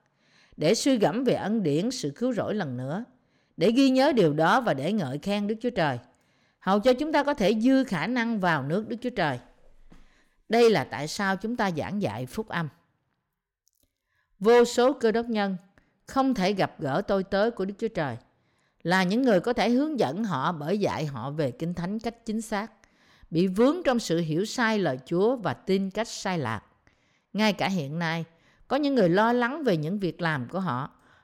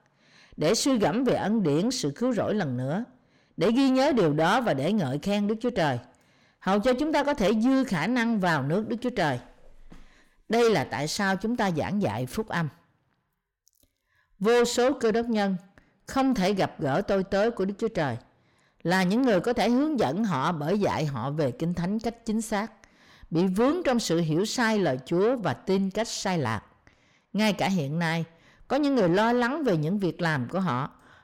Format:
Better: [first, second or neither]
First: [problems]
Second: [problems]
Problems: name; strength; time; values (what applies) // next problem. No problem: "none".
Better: first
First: none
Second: distortion; slight; 10 dB below the speech